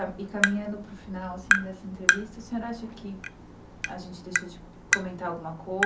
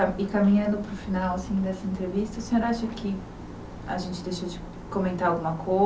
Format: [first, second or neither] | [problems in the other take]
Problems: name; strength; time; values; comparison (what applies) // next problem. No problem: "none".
second | background sound (Tap); 4 dB above the speech